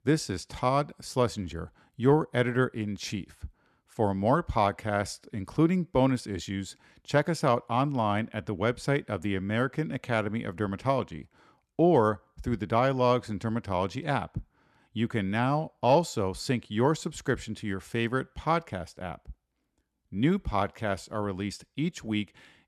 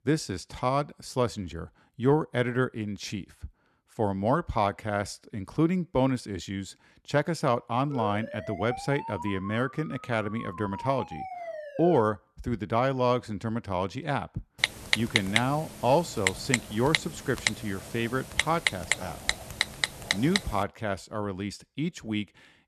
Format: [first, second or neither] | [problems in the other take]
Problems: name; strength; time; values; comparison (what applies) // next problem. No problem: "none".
first | siren; noticeable; from 8 to 12 s; peak 8 dB below the speech // keyboard typing; loud; from 15 to 20 s; peak 4 dB above the speech